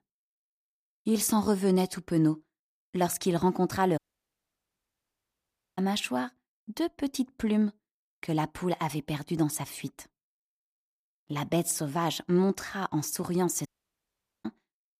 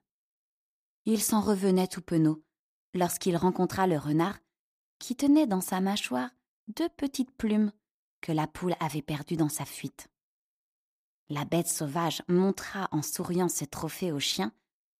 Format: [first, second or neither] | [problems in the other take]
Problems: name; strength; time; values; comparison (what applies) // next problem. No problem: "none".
second | audio cutting out; at 4 s for 2 s and at 14 s for 1 s